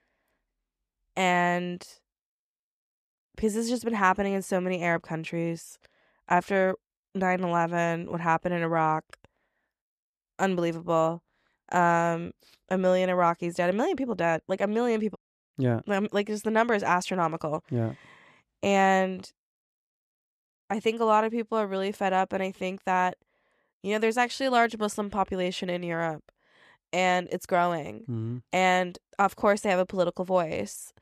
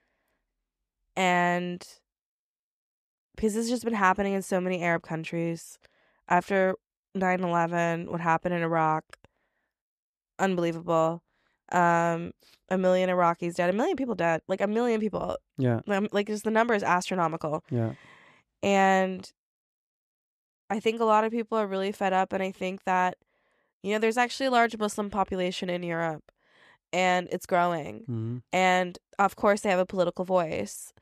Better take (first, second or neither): second